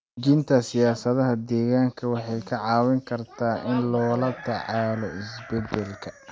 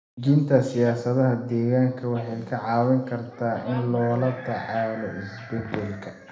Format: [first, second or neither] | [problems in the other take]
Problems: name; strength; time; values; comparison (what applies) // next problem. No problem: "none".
first | room echo; dies away in 0.8 s